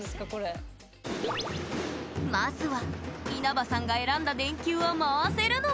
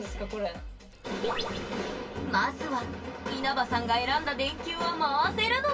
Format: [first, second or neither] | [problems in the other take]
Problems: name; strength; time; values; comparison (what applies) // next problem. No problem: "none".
first | background sound (Breathing); 19 dB below the speech // room echo; dies away in 0.1 s